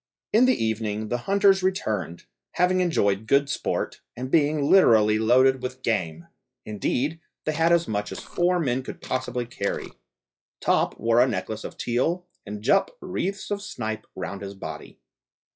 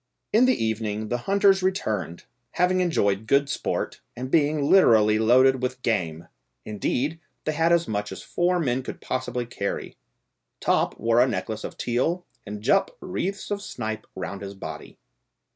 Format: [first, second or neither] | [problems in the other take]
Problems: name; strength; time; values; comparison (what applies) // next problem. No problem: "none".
second | noise reduction (classical method log-MMSE)